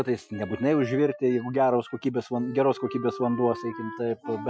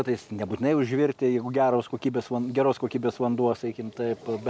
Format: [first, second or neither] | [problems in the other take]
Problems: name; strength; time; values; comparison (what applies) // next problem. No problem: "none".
second | noise reduction (classical method Wiener filter)